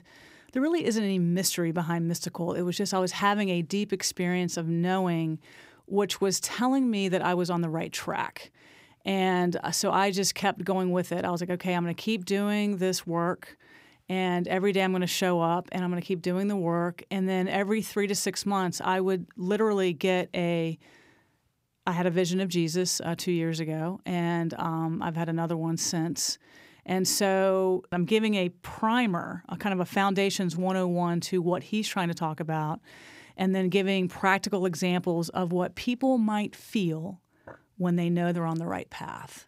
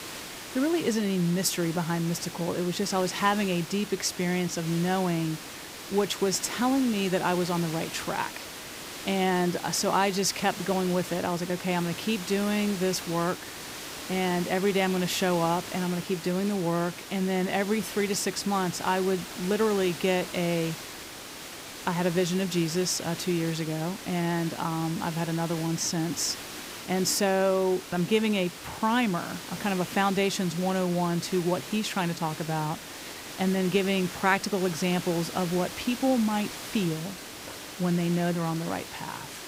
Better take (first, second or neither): first